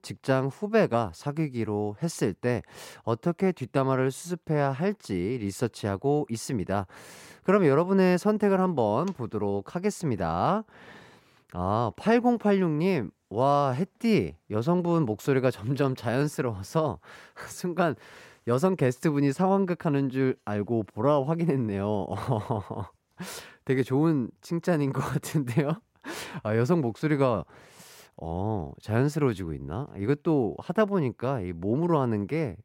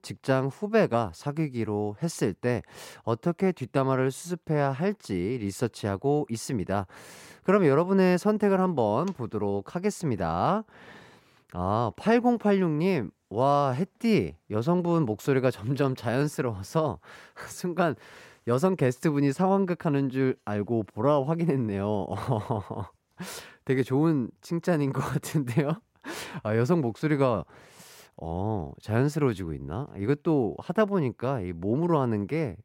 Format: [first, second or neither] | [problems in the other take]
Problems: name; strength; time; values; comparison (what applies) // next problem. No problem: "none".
neither | none